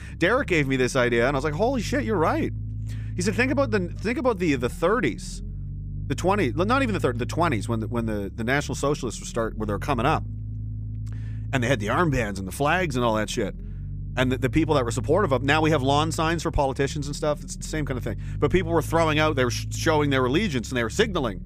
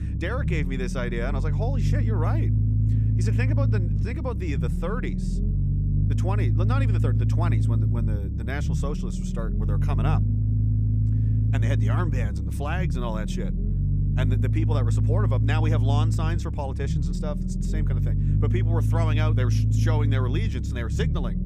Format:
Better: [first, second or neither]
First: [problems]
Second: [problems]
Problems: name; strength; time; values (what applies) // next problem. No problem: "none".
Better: first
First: low rumble; faint; throughout; 25 dB below the speech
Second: low rumble; loud; throughout; 3 dB below the speech